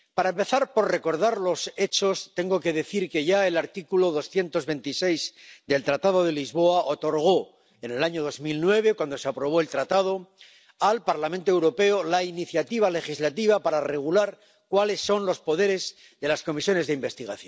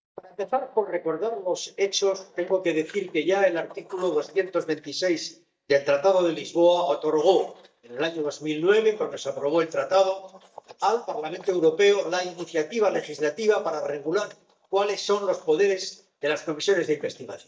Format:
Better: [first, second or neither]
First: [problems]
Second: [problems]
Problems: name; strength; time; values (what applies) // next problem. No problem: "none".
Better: first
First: none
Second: noise reduction (neural mask model DeepFilterNet 3)